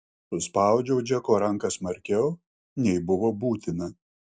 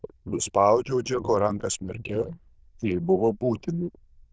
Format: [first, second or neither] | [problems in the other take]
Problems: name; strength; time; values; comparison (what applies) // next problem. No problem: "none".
first | noise reduction (neural diffusion model UNIVERSE++)